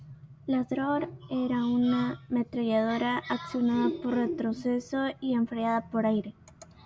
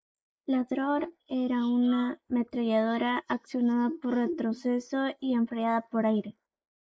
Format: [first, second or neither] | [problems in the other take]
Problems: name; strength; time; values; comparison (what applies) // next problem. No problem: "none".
first | noise reduction (neural mask model Resemble Enhance denoiser)